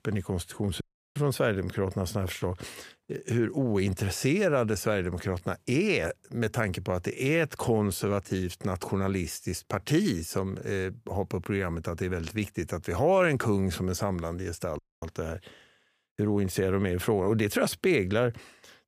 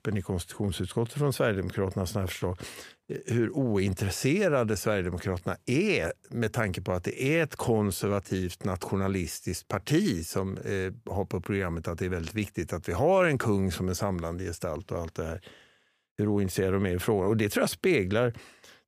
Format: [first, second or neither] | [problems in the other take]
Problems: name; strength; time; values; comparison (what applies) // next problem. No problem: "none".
second | audio cutting out; at 1 s and at 15 s